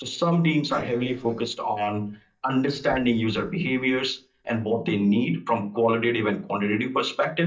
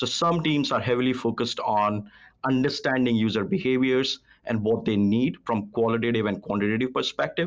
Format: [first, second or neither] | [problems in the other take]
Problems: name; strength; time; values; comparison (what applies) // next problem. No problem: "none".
second | noise reduction (neural mask model DeepFilterNet 3)